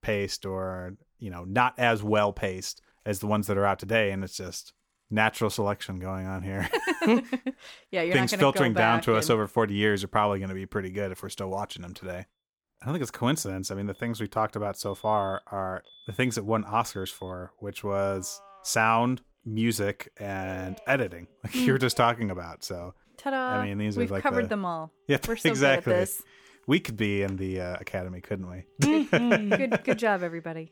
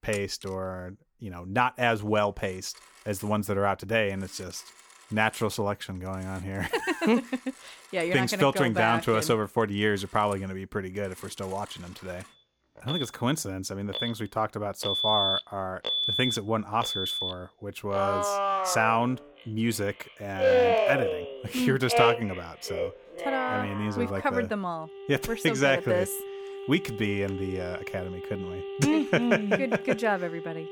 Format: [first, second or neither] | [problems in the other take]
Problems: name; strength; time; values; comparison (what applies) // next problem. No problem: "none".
first | alarms or sirens; loud; throughout; 2 dB below the speech; faint in the first